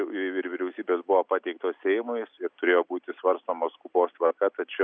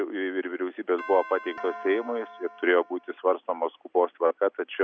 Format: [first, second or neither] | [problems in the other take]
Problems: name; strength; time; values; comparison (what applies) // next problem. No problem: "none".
first | background sound (Doorbell); 14 dB below the speech